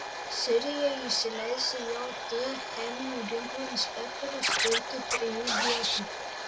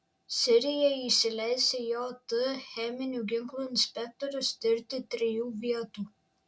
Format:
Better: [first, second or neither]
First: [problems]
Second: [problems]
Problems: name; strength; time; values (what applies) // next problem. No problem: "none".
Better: second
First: background sound (Scratching (performance technique) + Domestic sounds, home sounds); 1 dB below the speech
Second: none